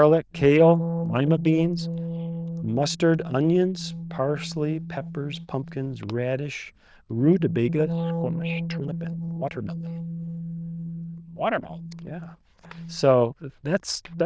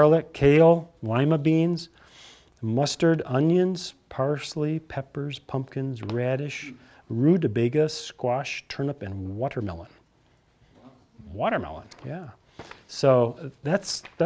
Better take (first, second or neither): second